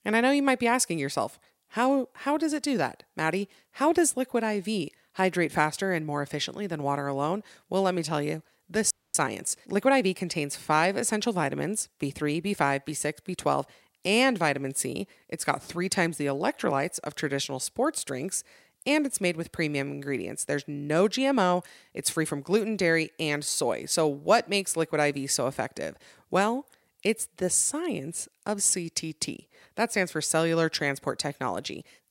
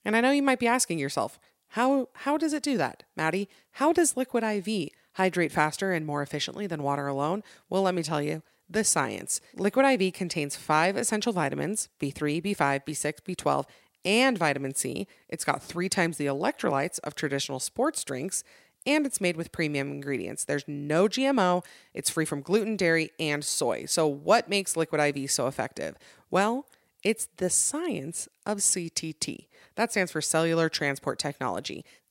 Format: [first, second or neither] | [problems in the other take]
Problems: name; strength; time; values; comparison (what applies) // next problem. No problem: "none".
second | audio freezing; at 9 s